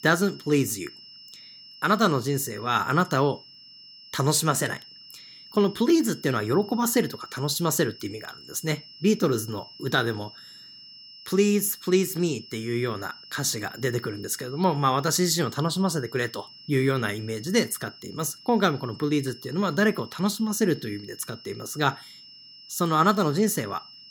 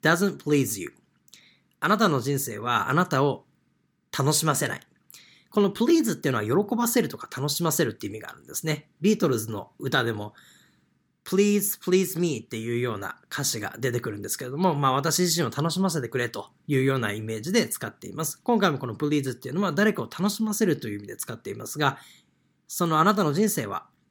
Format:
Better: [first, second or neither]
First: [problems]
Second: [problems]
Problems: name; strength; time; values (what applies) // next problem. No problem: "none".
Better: second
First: high-pitched whine; noticeable; throughout; 5.5 kHz, 20 dB below the speech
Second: none